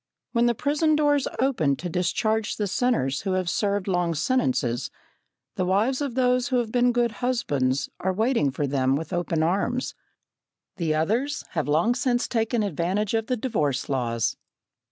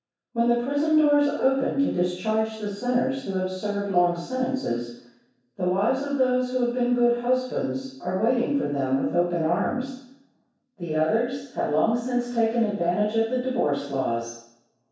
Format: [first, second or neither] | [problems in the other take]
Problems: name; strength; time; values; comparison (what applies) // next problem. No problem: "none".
first | room echo; dies away in 0.7 s